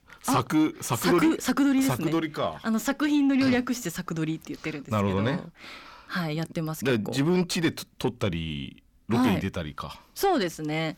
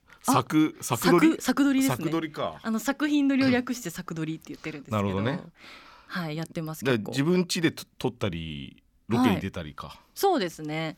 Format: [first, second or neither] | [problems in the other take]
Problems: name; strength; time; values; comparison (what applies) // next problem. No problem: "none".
second | distortion; slight; 10 dB below the speech